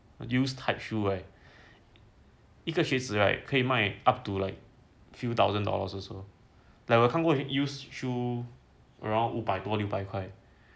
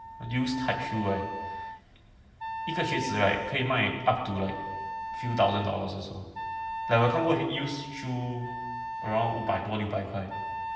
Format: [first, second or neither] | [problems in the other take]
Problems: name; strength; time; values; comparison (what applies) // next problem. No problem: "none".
first | background sound (Wind instrument, woodwind instrument); 7 dB below the speech // room echo; dies away in 1.2 s